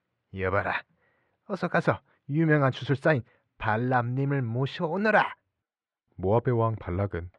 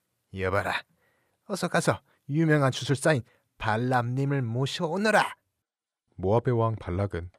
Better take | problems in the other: second | muffled; slightly; fading above 2 kHz

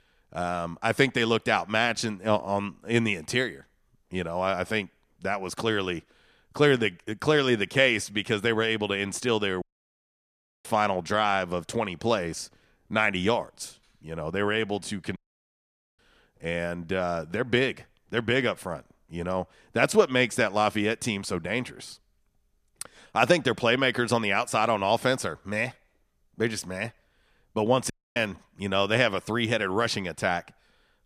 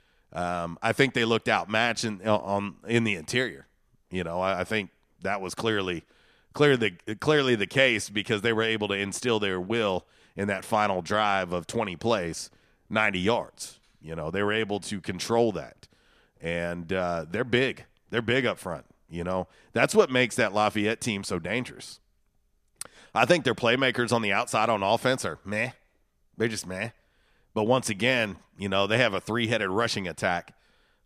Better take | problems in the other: second | audio cutting out; at 9.5 s for 1 s, at 15 s for 1 s and at 28 s

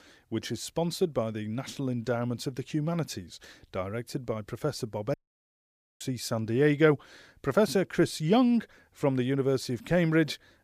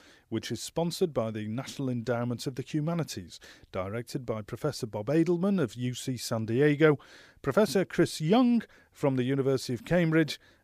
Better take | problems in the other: second | audio cutting out; at 5 s for 1 s

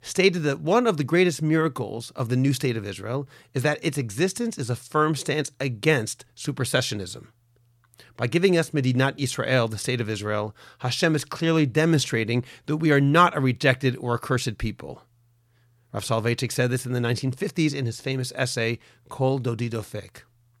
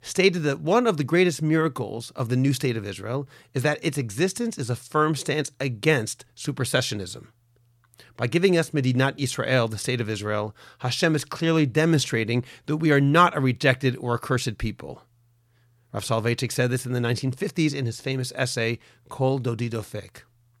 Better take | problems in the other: neither | none

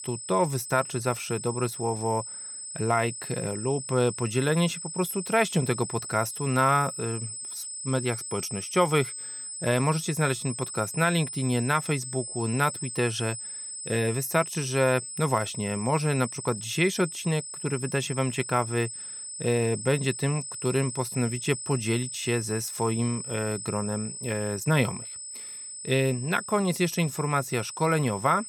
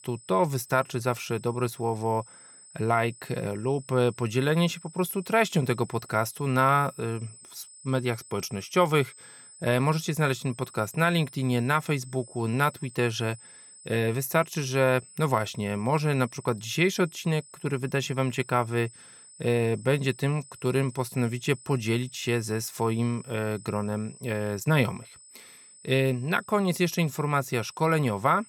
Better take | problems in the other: second | high-pitched whine; loud; throughout; 8 kHz, 7 dB below the speech; faint in the second

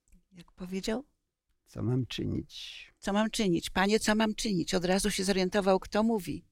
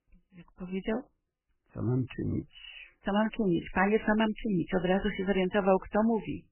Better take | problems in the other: first | garbled, watery; badly; nothing above 3 kHz

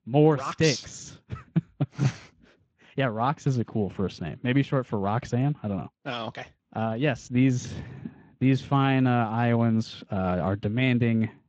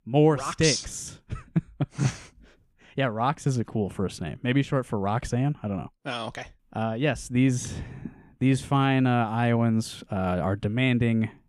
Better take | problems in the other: second | garbled, watery; slightly

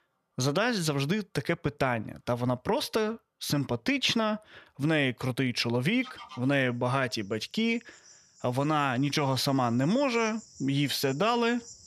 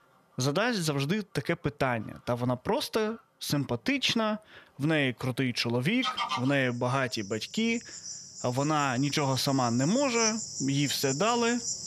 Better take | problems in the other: first | animal sounds; loud; throughout; 6 dB below the speech; faint in the first

